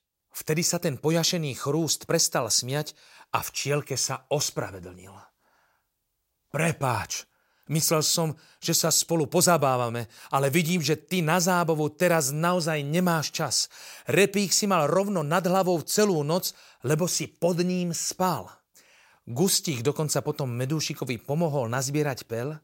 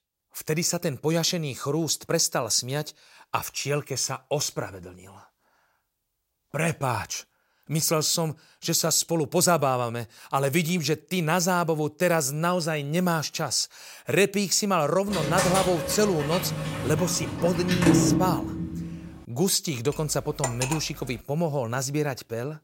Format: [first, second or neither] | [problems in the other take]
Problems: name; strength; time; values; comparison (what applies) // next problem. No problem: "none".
first | door banging; loud; from 15 to 19 s; peak 6 dB above the speech // clattering dishes; noticeable; at 20 s; peak 3 dB below the speech